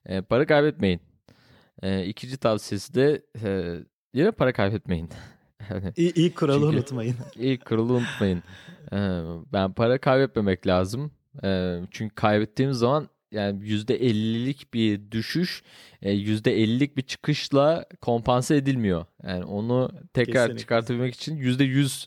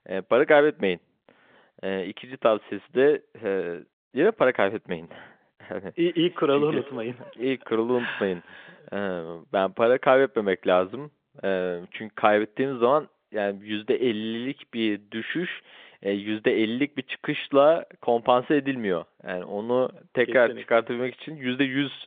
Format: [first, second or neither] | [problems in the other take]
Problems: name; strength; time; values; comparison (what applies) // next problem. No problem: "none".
first | phone-call audio